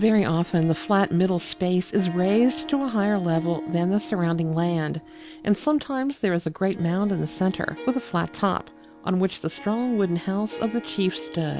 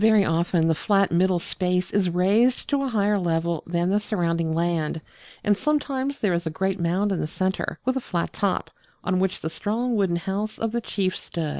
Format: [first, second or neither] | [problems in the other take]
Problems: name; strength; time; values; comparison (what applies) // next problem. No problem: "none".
second | background sound (Harp); 16 dB below the speech